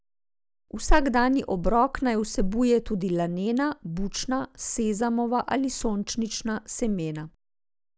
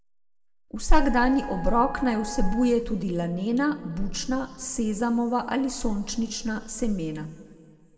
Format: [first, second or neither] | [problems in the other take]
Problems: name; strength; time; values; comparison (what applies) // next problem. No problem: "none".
first | background sound (Wind instrument, woodwind instrument); 15 dB below the speech // room echo; dies away in 1.6 s